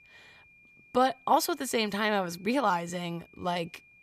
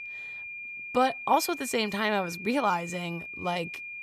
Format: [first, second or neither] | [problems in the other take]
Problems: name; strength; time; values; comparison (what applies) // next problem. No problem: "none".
first | high-pitched whine; loud; throughout; 2.5 kHz, 9 dB below the speech; faint in the first